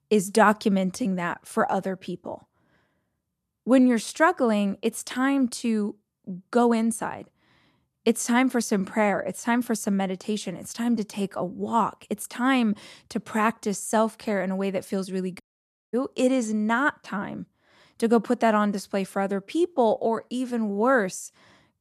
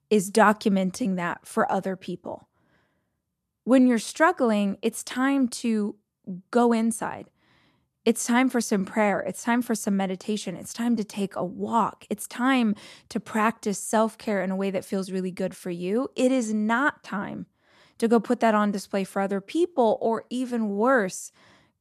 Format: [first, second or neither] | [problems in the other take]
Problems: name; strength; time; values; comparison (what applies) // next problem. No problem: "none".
second | audio cutting out; at 15 s for 0.5 s